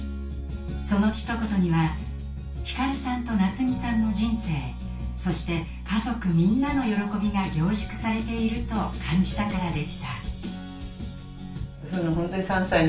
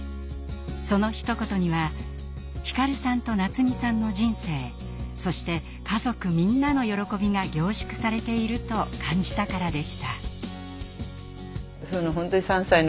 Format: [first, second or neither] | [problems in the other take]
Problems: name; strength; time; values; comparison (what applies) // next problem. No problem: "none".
second | room echo; dies away in 0.3 s